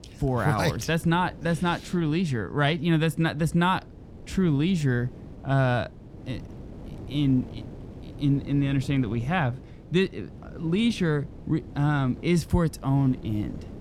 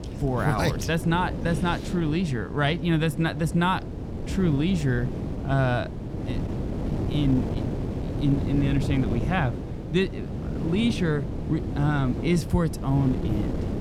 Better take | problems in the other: first | wind noise on the microphone; heavy; 8 dB below the speech; occasional gusts in the first

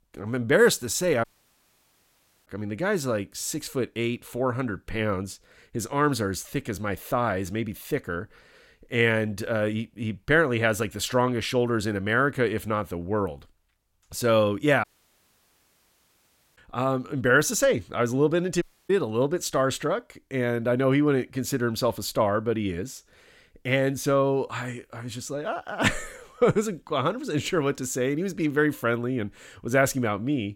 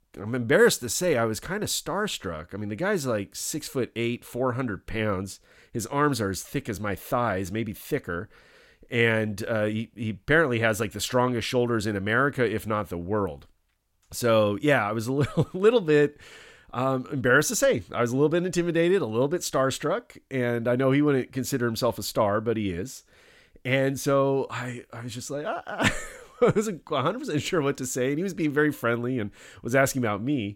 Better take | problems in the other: second | audio cutting out; at 1 s for 1 s, at 15 s for 1.5 s and at 19 s

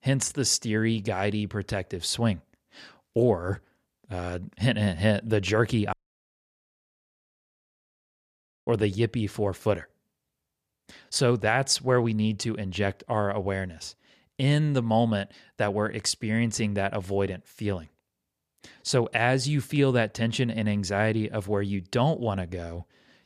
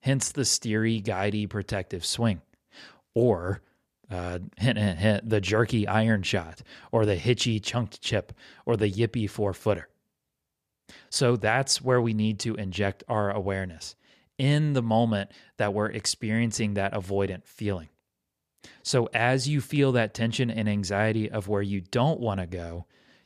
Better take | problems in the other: second | audio cutting out; at 6 s for 2.5 s

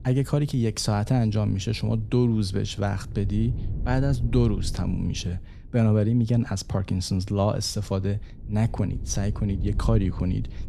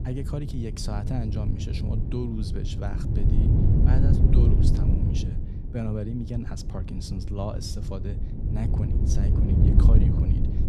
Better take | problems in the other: first | wind noise on the microphone; heavy; 1 dB above the speech; occasional gusts in the first

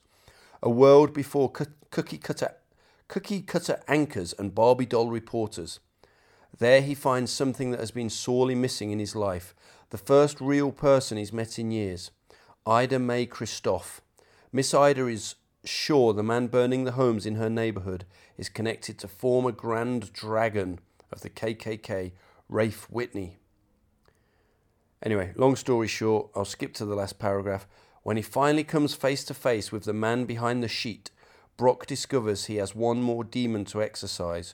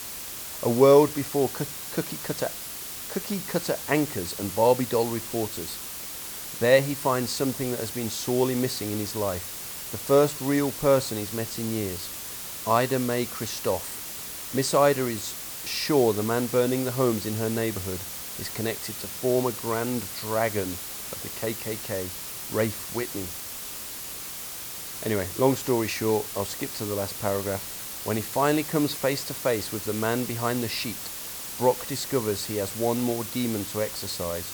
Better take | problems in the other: first | hiss; loud; throughout; 7 dB below the speech

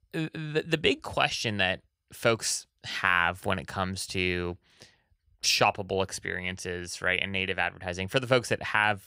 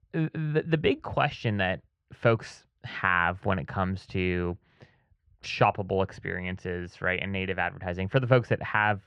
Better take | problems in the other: first | muffled; very; fading above 2 kHz

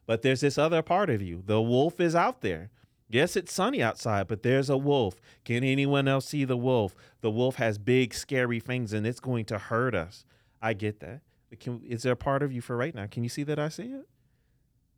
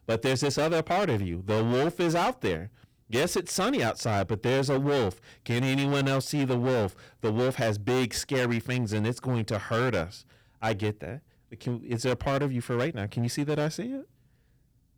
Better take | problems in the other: first | distortion; heavy; 17% of the sound clipped

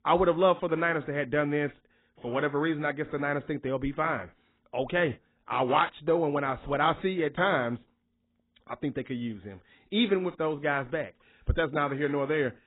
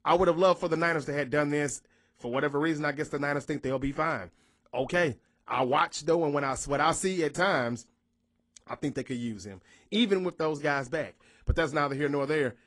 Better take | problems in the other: second | garbled, watery; badly; nothing above 4 kHz; slightly in the second

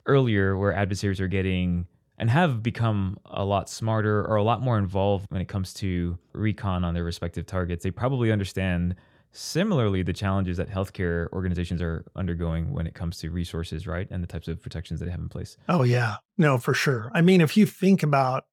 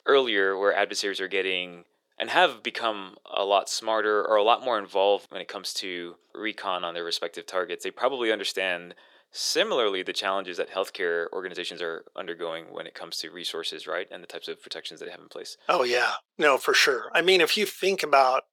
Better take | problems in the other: first | thin; very; fading below 400 Hz

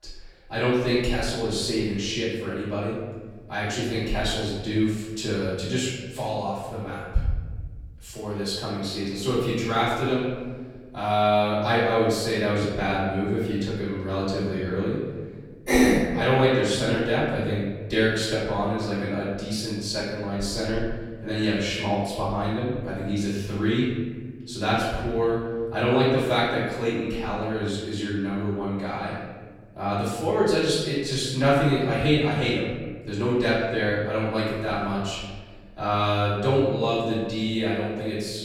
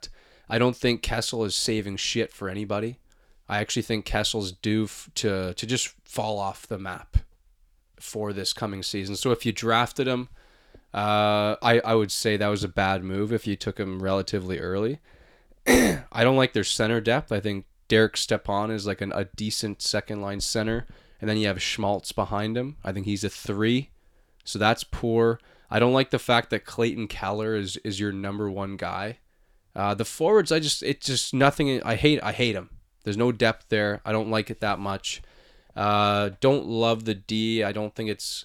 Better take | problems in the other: second | room echo; noticeable; dies away in 1.4 s // off-mic speech; far

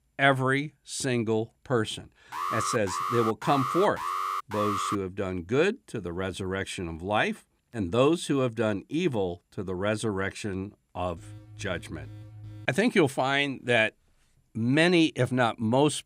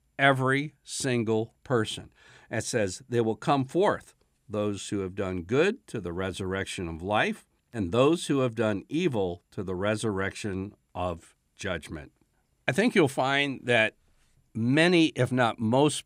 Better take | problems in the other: second | alarm; noticeable; from 2.5 to 5 s; peak 2 dB below the speech // alarm; faint; from 11 to 13 s; peak 15 dB below the speech

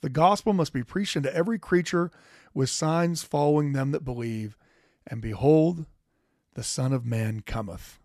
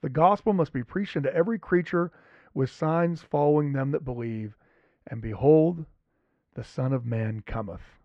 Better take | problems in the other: first | muffled; very; fading above 2 kHz

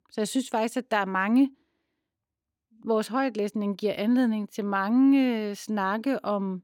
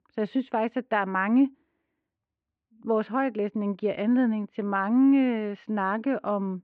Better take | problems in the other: first | muffled; very; fading above 2.5 kHz

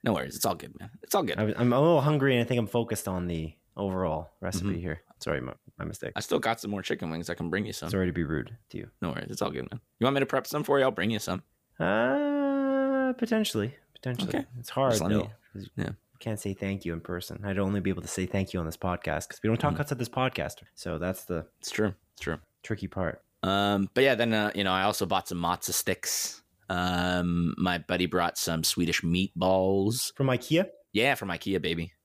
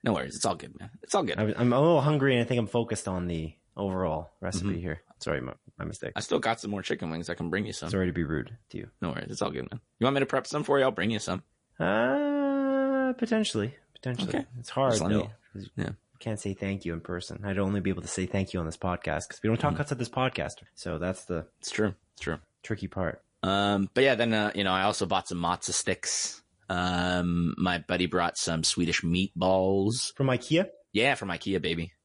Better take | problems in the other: first | garbled, watery; slightly; nothing above 10.5 kHz

